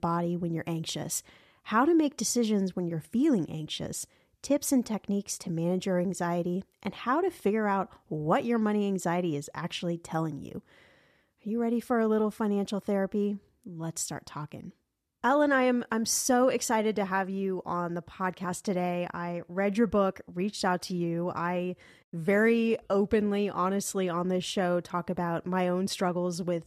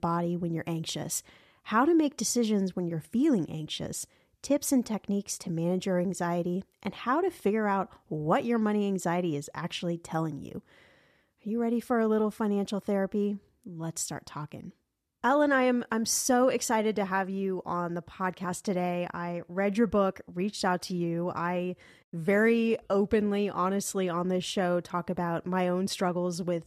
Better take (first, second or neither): neither